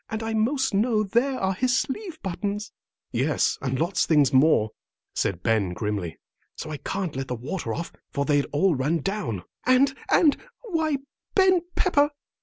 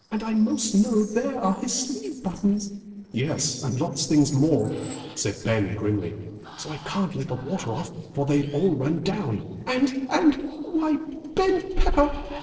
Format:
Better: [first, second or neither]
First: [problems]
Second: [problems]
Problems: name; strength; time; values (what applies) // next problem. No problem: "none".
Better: first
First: none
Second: noise reduction (neural separator model SepFormer DNS4)